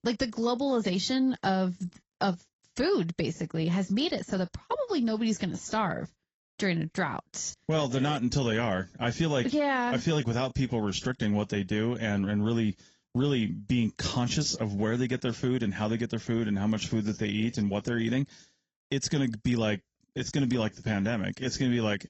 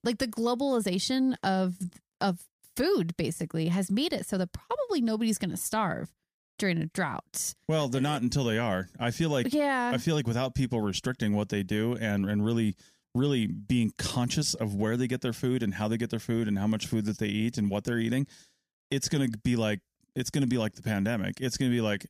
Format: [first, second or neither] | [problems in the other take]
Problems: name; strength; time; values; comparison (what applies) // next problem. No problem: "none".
second | garbled, watery; badly; nothing above 7.5 kHz